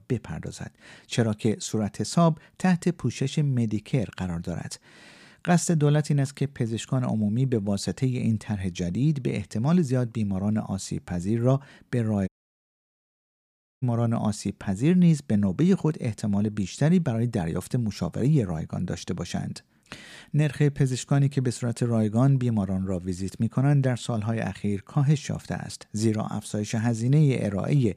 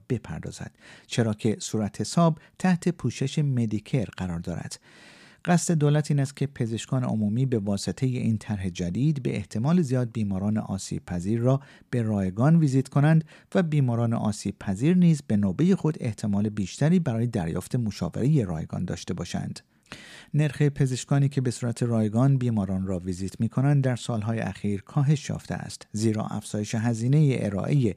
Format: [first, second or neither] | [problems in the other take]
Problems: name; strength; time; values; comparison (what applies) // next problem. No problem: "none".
second | audio cutting out; at 12 s for 1.5 s